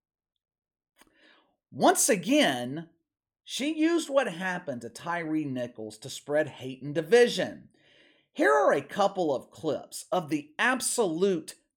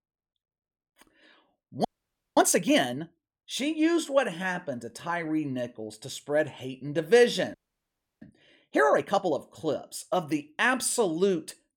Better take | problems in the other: first | audio freezing; at 2 s for 0.5 s and at 7.5 s for 0.5 s

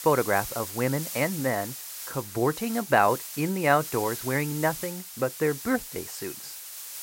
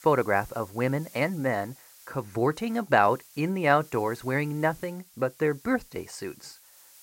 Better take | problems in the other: second | hiss; loud; throughout; 9 dB below the speech; faint in the second

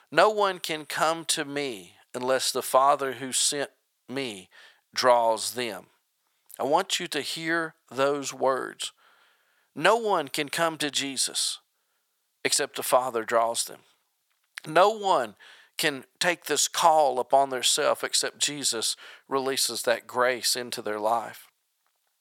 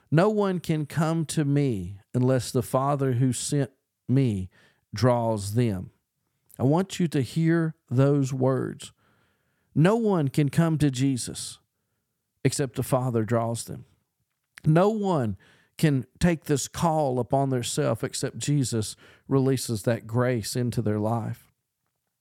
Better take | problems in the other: second | thin; very; fading below 750 Hz

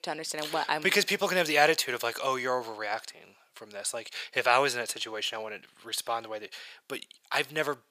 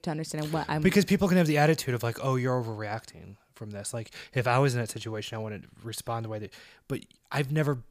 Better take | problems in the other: second | thin; very; fading below 550 Hz

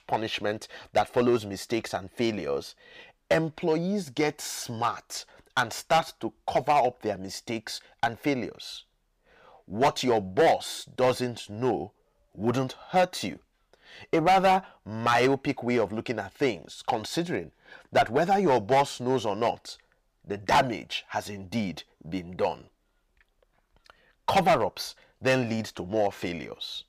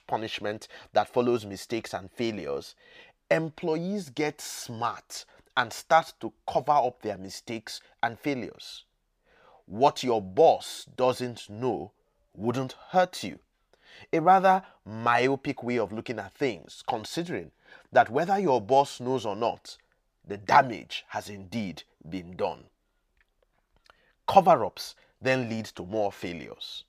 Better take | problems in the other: second | distortion; heavy; 3% of the sound clipped

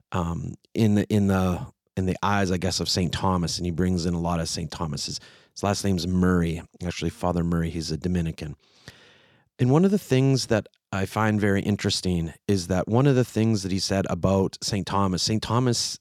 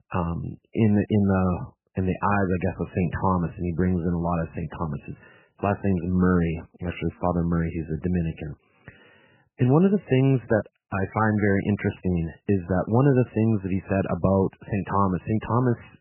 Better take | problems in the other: first | garbled, watery; badly; nothing above 3 kHz

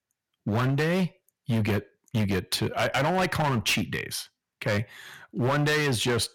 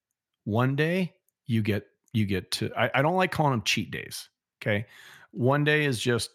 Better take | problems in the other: second | distortion; heavy; 15% of the sound clipped

